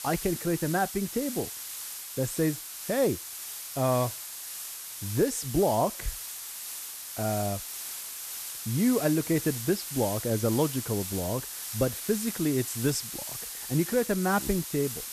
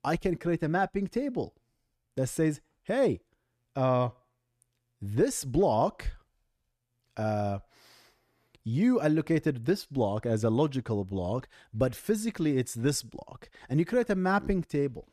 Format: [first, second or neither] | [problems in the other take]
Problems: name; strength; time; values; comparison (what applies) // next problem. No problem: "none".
second | hiss; loud; throughout; 6 dB below the speech